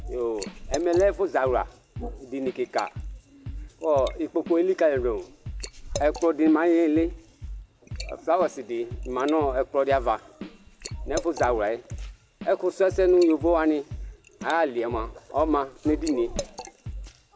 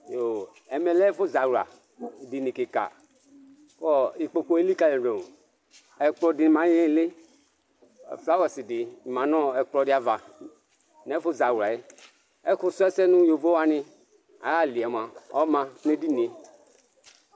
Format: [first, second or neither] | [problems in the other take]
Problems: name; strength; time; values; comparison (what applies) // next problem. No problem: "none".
second | background sound (Liquid + Drum / Drum kit); 12 dB below the speech